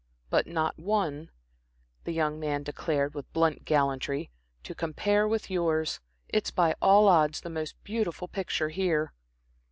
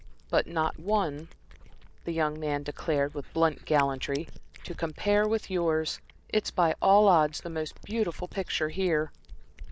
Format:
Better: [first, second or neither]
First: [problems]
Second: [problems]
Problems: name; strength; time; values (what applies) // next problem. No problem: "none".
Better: first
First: none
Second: background sound (Cat); 15 dB below the speech